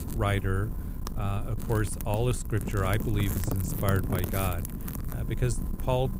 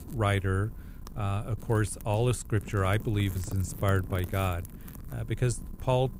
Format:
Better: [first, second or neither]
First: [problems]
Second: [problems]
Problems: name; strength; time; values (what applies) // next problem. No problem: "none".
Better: second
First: wind noise on the microphone; heavy; 8 dB below the speech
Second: wind noise on the microphone; occasional gusts; 20 dB below the speech